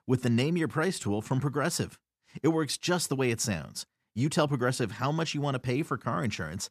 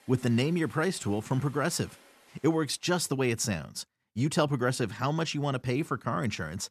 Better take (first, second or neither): first